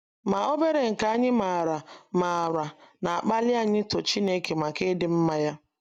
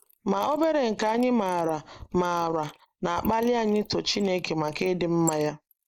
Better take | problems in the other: first | noise reduction (neural mask model Resemble Enhance denoiser)

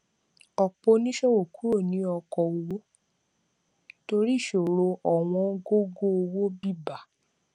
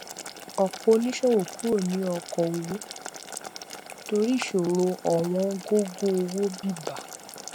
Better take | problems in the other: first | background sound (Boiling); 13 dB below the speech

